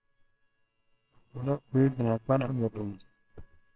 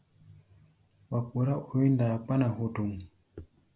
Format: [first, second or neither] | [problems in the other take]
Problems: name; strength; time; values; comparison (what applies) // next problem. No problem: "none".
second | noise reduction (neural separator model SepFormer WHAMR!)